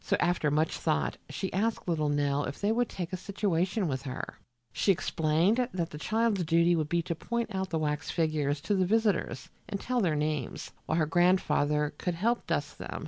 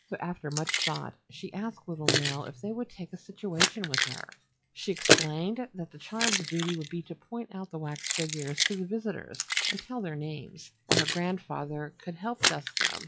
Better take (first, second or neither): first